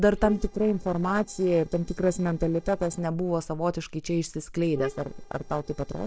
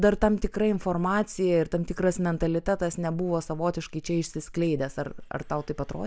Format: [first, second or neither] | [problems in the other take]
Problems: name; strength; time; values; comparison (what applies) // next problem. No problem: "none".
second | noise reduction (neural separator model SepFormer DNS4)